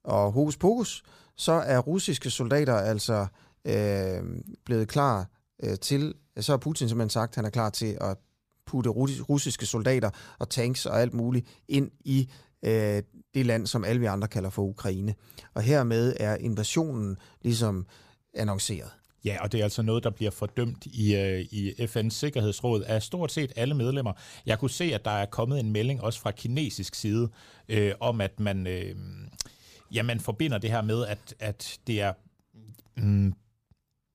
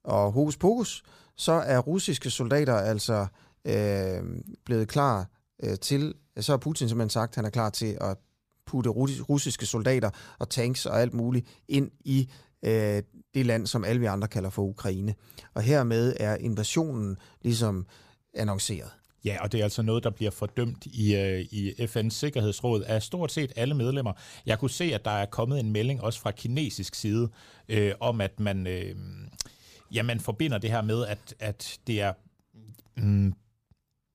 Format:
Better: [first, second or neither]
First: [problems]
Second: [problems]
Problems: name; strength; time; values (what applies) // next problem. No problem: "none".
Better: neither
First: none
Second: none